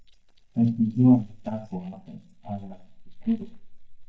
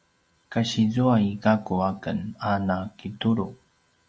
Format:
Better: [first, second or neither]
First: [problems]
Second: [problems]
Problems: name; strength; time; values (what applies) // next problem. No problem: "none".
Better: second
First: noise reduction (neural mask model DeepFilterNet 3)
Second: none